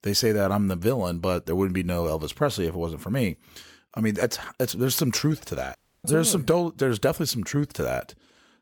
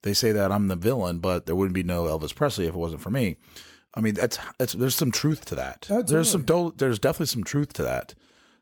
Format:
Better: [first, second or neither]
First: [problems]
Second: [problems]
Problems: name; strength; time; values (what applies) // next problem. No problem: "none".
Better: second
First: audio cutting out; at 6 s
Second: none